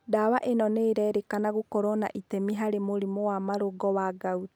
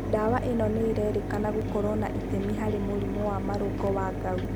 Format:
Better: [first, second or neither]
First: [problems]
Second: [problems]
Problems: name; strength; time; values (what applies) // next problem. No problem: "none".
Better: first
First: none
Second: background sound (Mechanisms); 2 dB below the speech